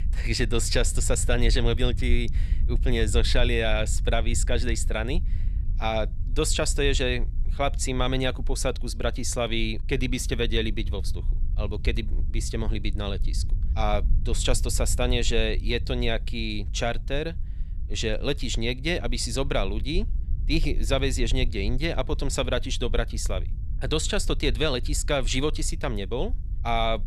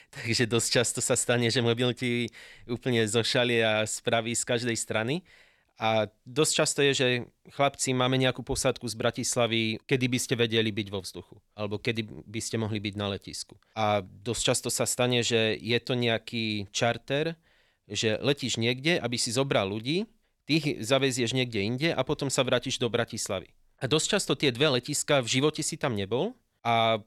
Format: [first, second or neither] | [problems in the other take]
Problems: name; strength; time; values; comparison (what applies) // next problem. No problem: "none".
second | low rumble; faint; throughout; 20 dB below the speech